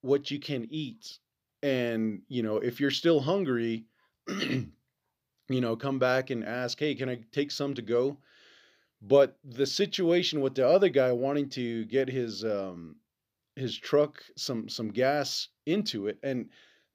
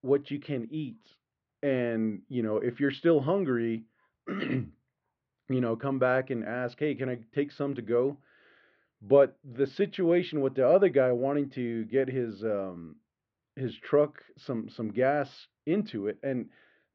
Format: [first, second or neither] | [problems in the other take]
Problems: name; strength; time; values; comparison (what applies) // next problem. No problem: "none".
first | muffled; very; fading above 2 kHz